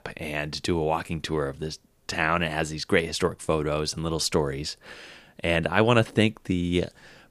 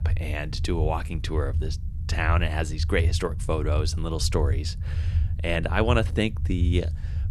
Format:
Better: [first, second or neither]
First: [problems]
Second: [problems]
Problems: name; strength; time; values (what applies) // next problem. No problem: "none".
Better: first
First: none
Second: low rumble; noticeable; throughout; 15 dB below the speech